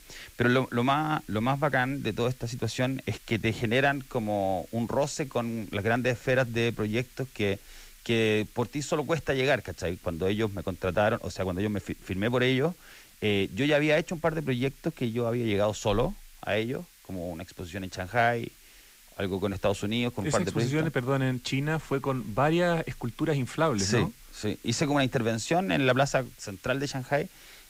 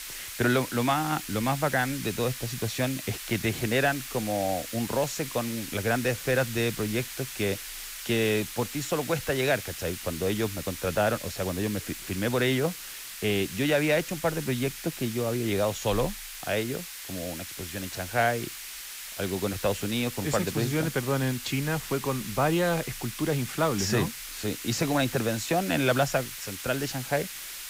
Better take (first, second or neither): first